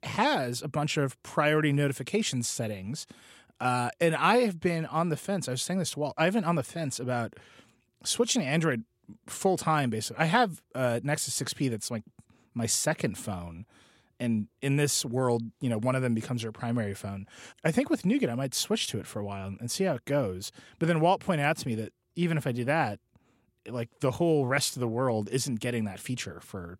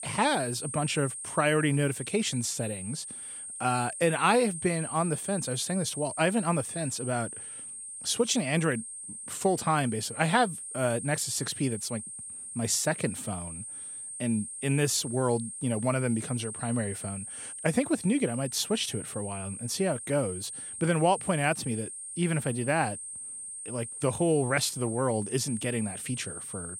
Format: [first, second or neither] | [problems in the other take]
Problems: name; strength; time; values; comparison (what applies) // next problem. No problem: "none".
first | high-pitched whine; loud; throughout; 8.5 kHz, 8 dB below the speech